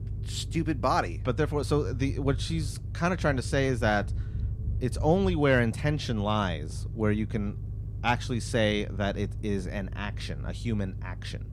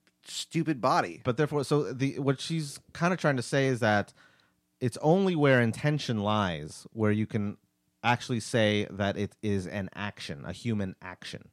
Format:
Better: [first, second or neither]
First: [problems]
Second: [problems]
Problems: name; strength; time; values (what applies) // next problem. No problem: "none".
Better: second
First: low rumble; faint; throughout; 20 dB below the speech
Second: none